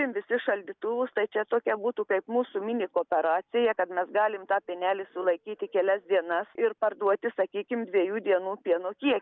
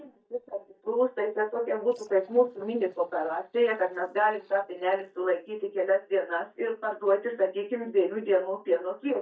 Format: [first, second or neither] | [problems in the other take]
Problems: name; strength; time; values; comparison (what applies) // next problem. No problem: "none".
first | noise reduction (neural mask model DeepFilterNet 3)